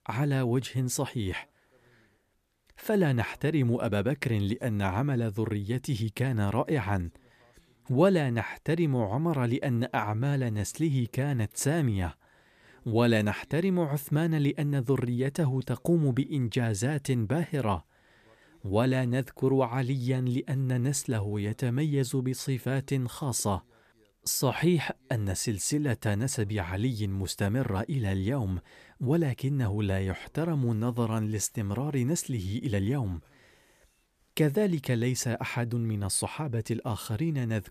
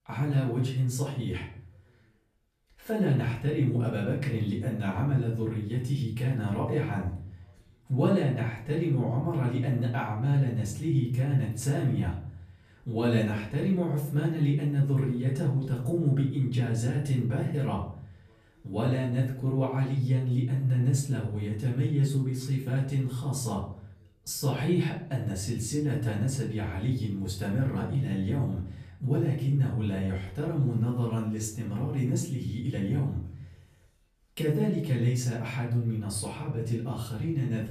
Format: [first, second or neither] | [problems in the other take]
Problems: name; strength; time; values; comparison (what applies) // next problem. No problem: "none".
first | off-mic speech; far // room echo; slight; dies away in 0.5 s